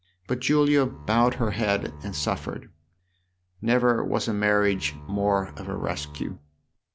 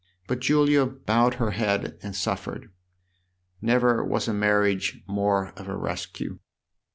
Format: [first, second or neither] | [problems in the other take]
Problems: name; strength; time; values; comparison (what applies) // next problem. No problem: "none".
second | background sound (Bowed string instrument); 16 dB below the speech